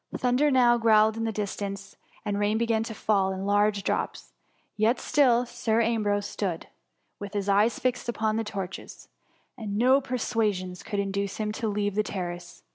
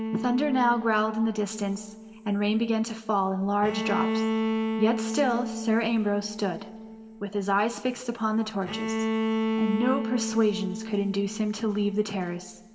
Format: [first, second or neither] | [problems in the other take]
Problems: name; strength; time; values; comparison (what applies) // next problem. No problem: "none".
first | background sound (Bowed string instrument); 5 dB below the speech // room echo; dies away in 1.4 s